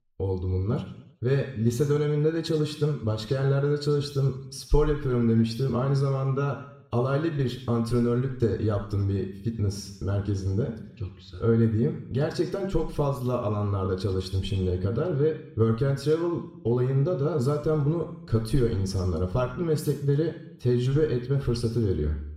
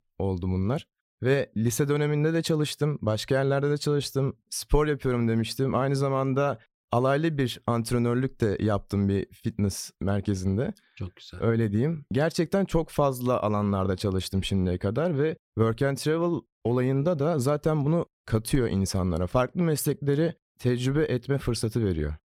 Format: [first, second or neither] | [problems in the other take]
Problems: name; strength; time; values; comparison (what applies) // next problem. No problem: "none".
second | room echo; noticeable; dies away in 0.7 s // off-mic speech; somewhat distant